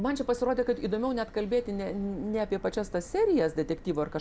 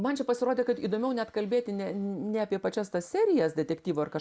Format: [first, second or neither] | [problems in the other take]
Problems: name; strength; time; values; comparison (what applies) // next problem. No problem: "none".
second | background sound (Subway, metro, underground); 17 dB below the speech